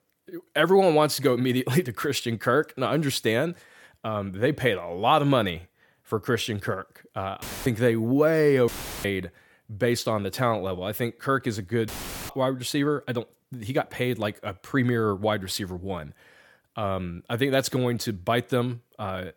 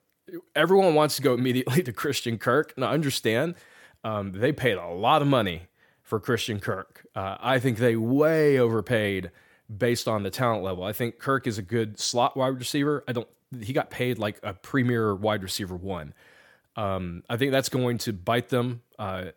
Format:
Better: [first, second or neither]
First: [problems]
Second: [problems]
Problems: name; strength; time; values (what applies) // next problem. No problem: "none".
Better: second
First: audio cutting out; filled with static; at 7.5 s, at 8.5 s and at 12 s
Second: none